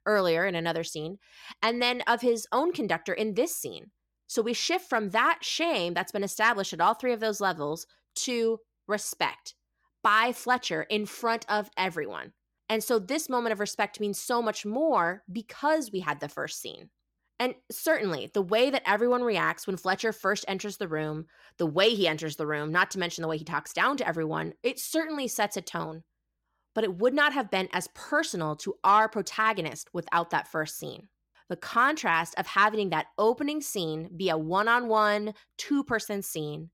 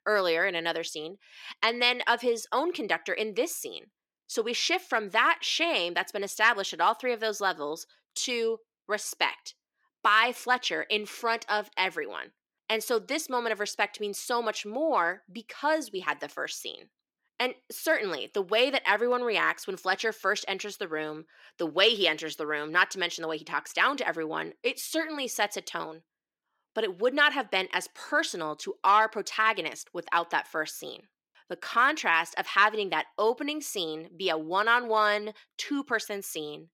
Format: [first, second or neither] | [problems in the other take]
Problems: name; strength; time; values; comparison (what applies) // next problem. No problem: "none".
first | thin; very slightly; fading below 350 Hz